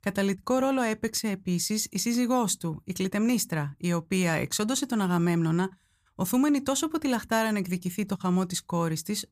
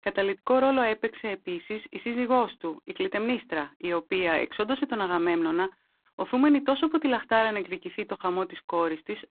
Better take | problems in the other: first | phone-call audio; poor line

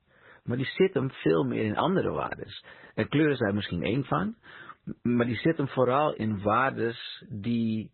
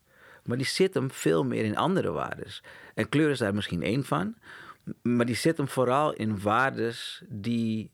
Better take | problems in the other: second | garbled, watery; badly; nothing above 4 kHz

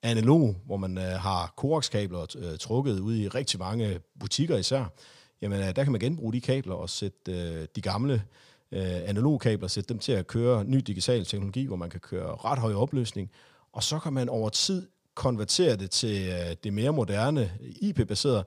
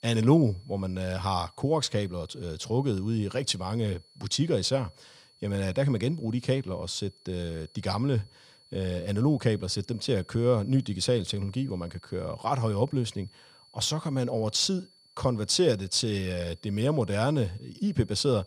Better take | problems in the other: first | high-pitched whine; faint; throughout; 4.5 kHz, 30 dB below the speech

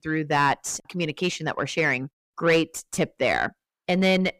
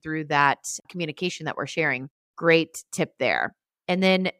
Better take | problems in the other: second | distortion; slight; 10 dB below the speech

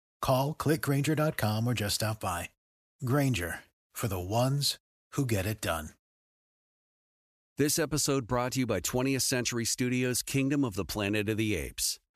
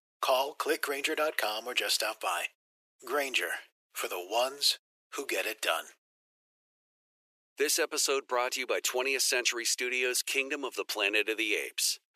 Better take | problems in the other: first | thin; very; fading below 350 Hz

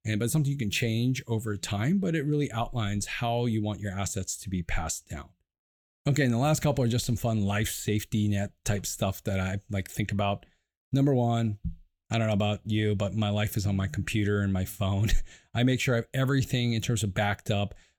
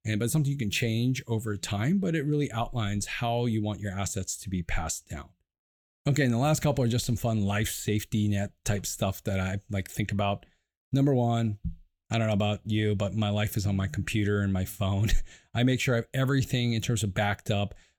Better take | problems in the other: neither | none

